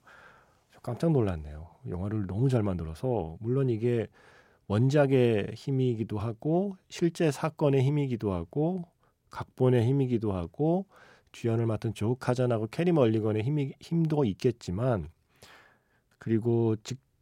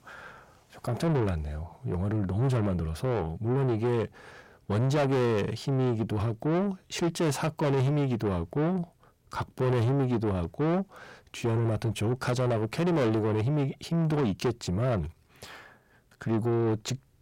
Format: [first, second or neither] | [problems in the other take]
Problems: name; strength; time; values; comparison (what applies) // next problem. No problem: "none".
first | distortion; heavy; 7 dB below the speech